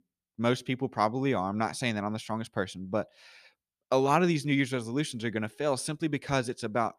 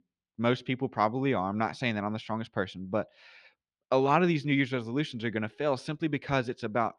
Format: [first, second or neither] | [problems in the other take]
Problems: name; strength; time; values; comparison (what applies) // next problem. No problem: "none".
first | muffled; very slightly; fading above 3 kHz